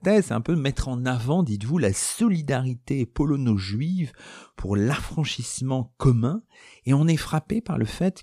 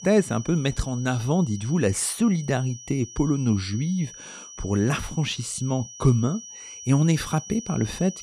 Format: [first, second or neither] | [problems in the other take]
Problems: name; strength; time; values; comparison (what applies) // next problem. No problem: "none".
first | high-pitched whine; noticeable; throughout; 6 kHz, 15 dB below the speech